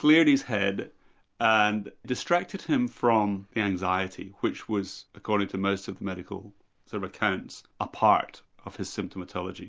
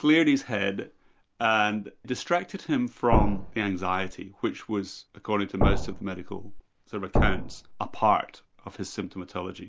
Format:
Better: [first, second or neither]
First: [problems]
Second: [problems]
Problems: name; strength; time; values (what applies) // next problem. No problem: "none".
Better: first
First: none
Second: background sound (Thump, thud); 2 dB above the speech